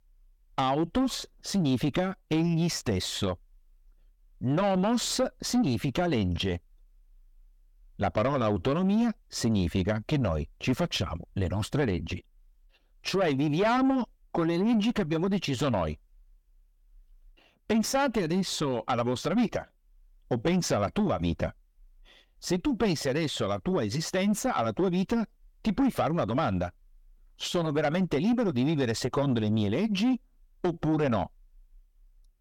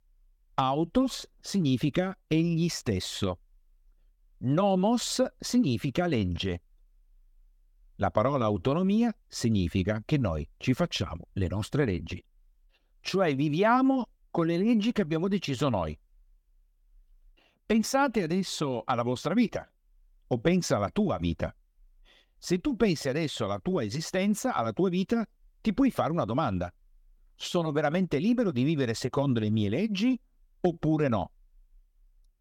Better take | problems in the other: second | distortion; slight; 9 dB below the speech

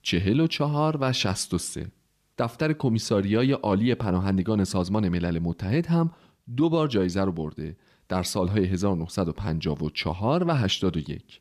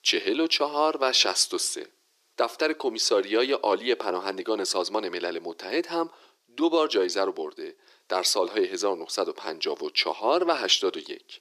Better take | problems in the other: first | thin; very; fading below 350 Hz

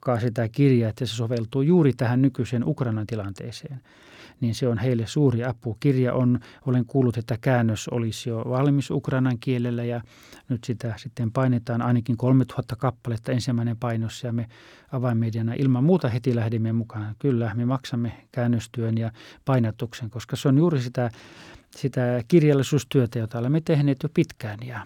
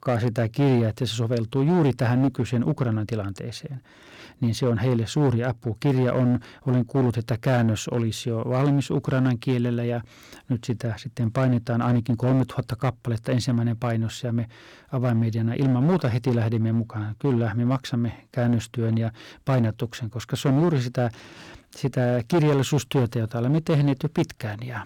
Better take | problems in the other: first | distortion; slight; 7% of the sound clipped

